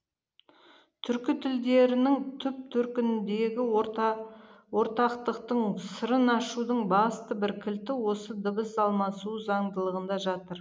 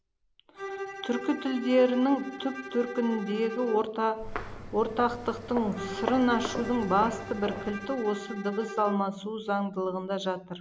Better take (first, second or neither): first